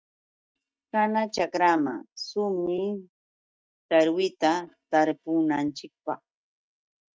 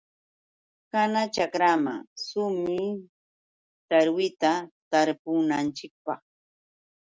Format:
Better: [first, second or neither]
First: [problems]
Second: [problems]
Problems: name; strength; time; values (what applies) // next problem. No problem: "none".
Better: second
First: noise reduction (neural mask model DeepFilterNet 3)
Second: none